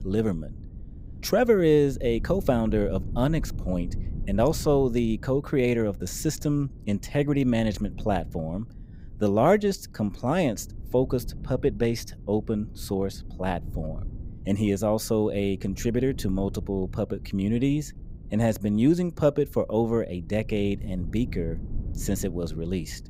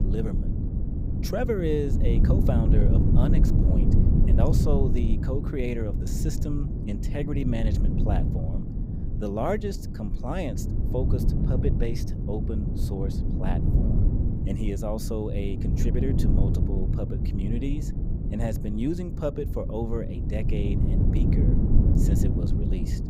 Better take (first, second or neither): first